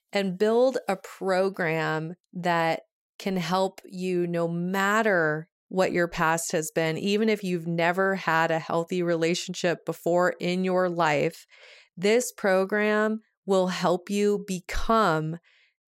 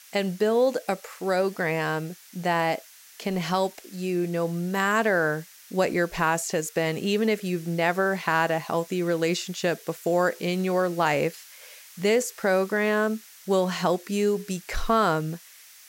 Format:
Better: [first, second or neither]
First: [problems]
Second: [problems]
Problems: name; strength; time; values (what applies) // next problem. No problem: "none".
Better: first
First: none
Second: hiss; faint; throughout; 20 dB below the speech